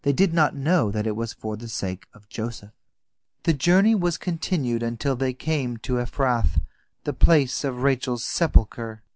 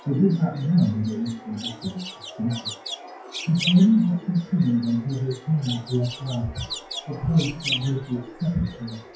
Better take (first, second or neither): first